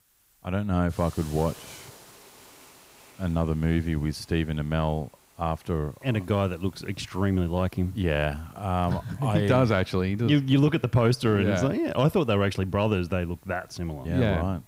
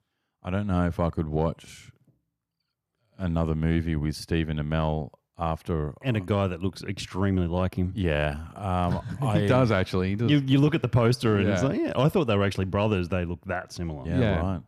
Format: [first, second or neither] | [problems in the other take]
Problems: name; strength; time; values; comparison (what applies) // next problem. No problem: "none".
second | hiss; faint; throughout; 25 dB below the speech